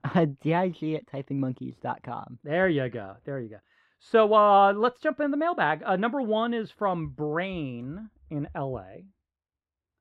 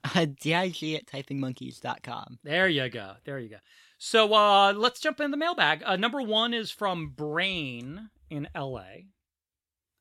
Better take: second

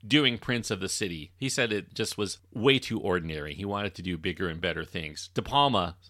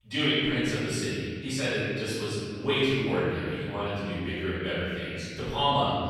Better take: first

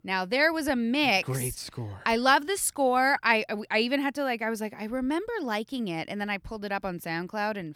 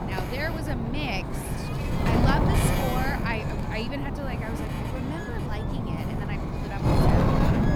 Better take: first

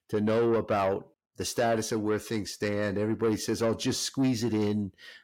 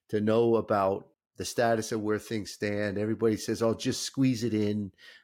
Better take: second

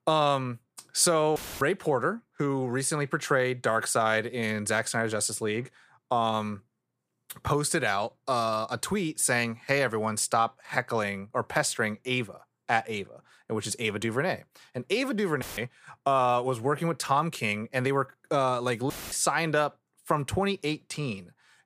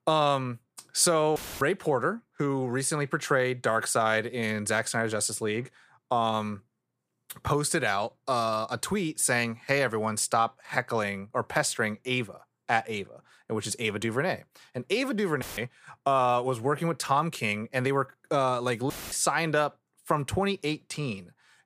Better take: neither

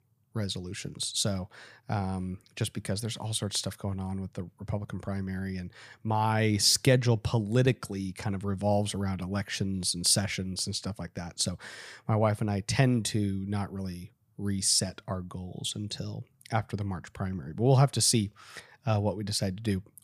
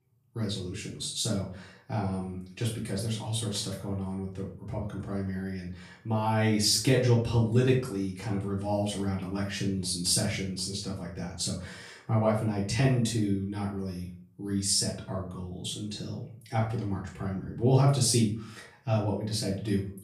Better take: first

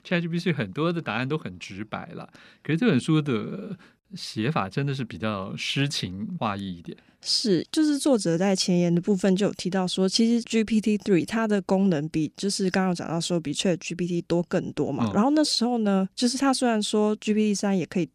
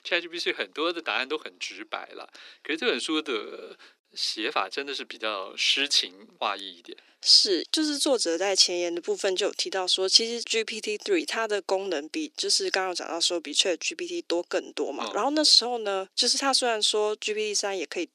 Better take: first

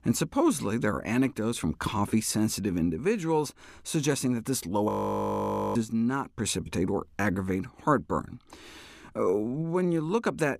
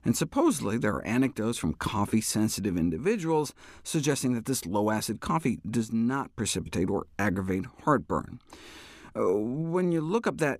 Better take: second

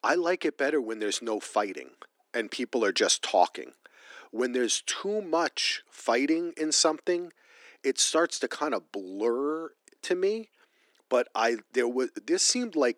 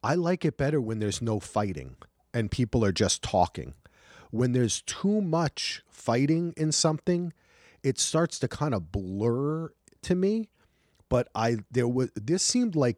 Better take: second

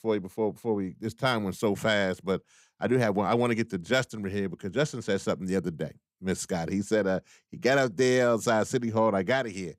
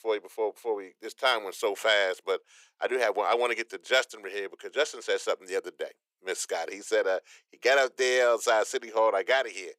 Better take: first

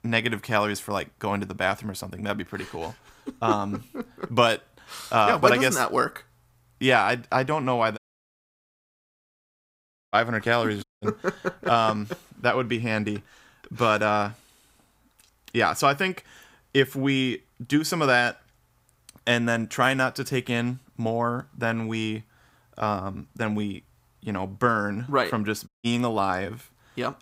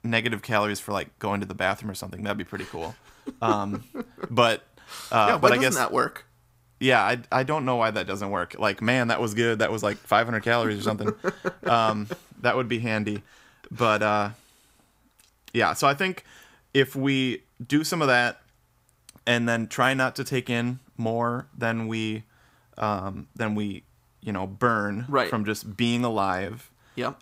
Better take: second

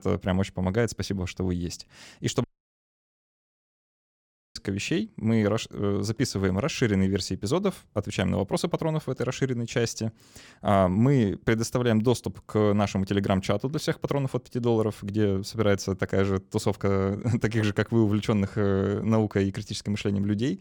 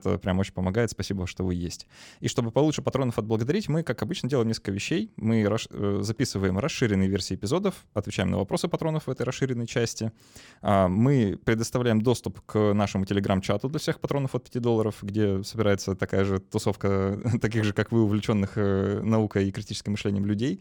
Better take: second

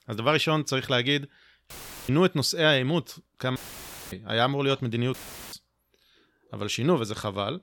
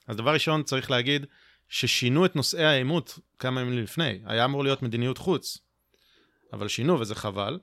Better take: second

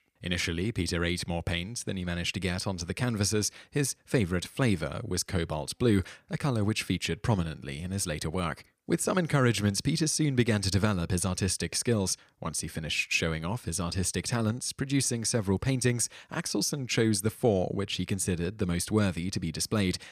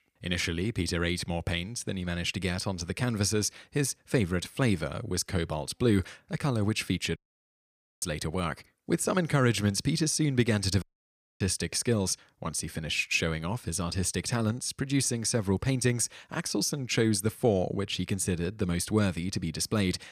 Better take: first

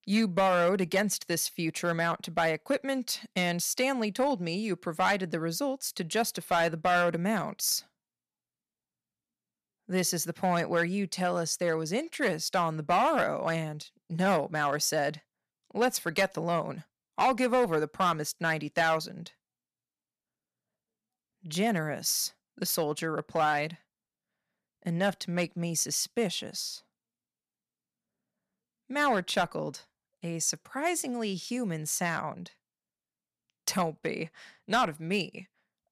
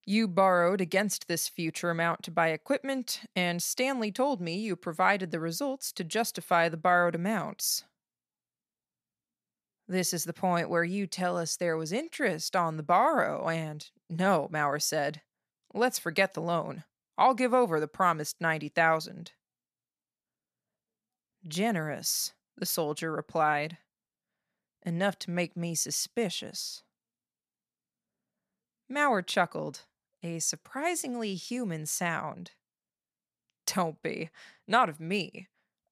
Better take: second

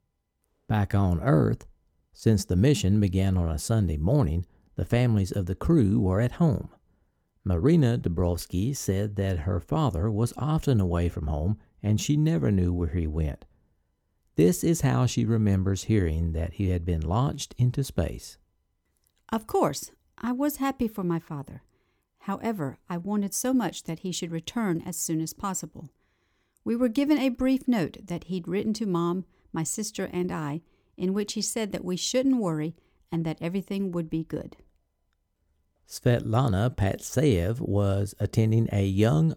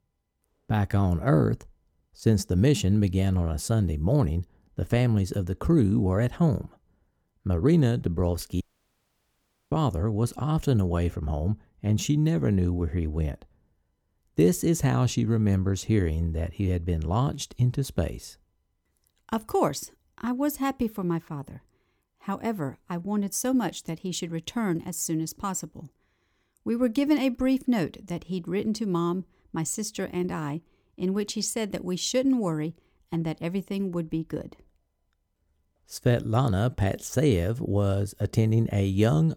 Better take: first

